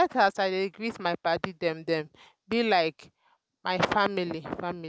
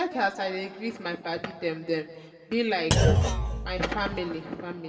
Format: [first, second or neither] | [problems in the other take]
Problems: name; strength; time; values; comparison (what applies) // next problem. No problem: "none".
first | background sound (Thump, thud); 5 dB above the speech // room echo; dies away in 1.4 s